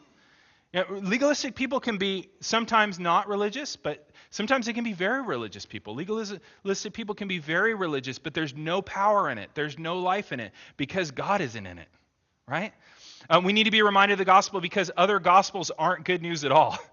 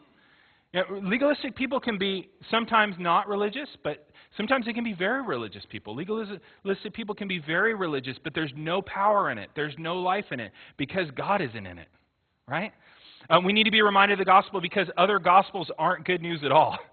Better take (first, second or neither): first